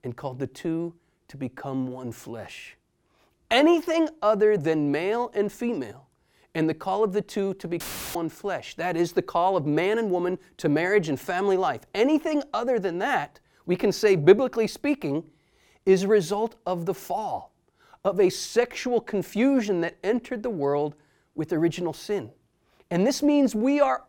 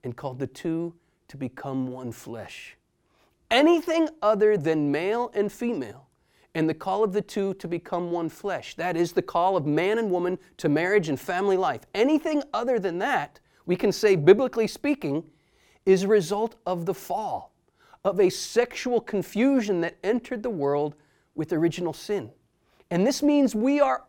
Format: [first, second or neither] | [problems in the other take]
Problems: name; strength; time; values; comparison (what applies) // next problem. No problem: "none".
second | audio cutting out; filled with static; at 8 s